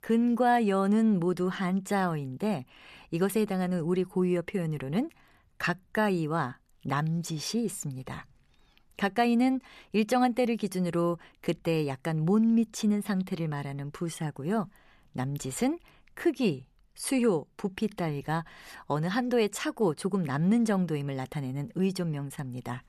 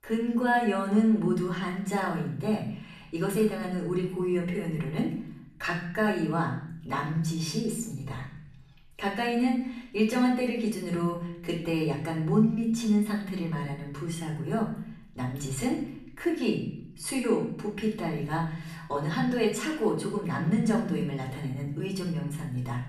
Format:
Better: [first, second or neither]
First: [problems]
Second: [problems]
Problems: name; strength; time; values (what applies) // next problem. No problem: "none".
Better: first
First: none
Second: off-mic speech; far // room echo; noticeable; dies away in 0.7 s